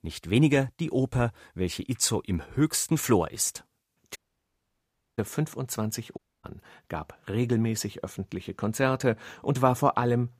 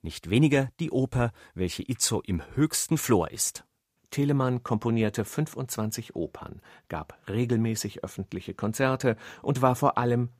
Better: second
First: audio cutting out; at 4 s for 1 s and at 6 s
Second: none

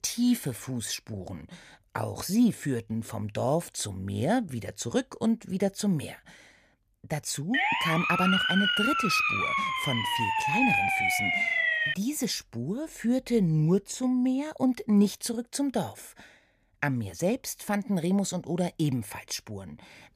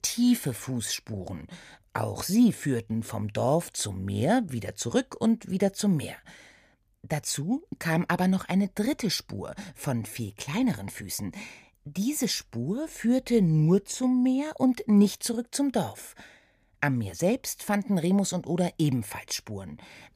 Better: second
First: siren; loud; from 7.5 to 12 s; peak 6 dB above the speech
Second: none

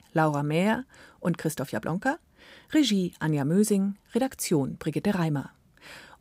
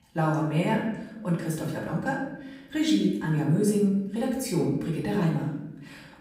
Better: first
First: none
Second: off-mic speech; far // room echo; noticeable; dies away in 0.8 s

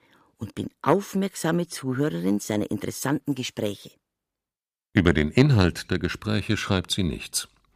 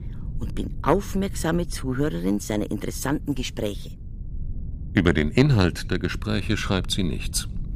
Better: first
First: none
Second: low rumble; faint; throughout; 25 dB below the speech

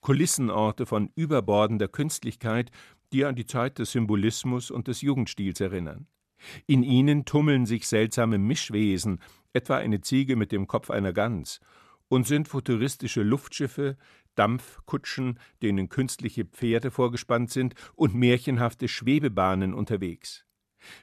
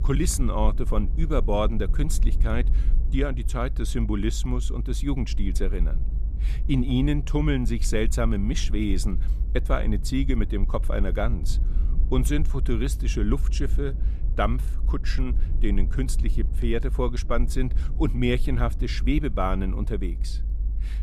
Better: first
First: none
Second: low rumble; noticeable; throughout; 15 dB below the speech

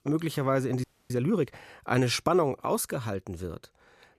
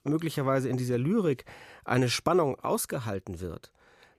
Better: second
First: audio freezing; at 1 s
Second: none

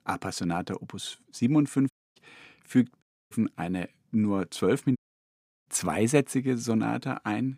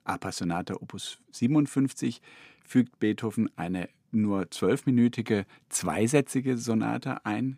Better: second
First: audio cutting out; at 2 s, at 3 s and at 5 s for 0.5 s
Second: none

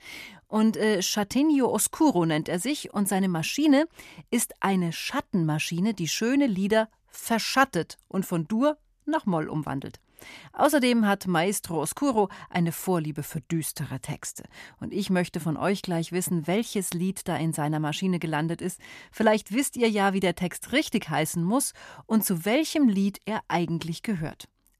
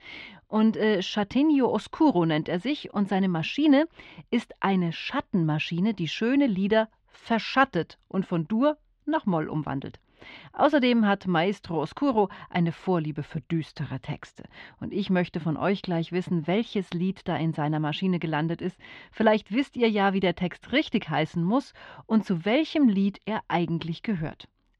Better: first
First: none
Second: muffled; slightly; fading above 3.5 kHz

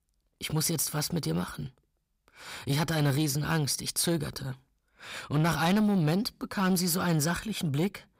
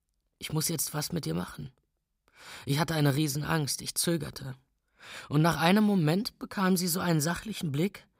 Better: second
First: distortion; slight; 10 dB below the speech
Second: none

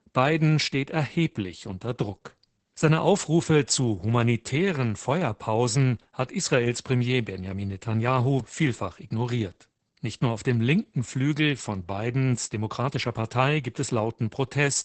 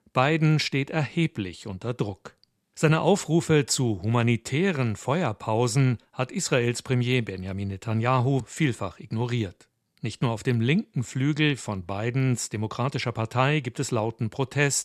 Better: second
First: garbled, watery; badly; nothing above 8 kHz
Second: none

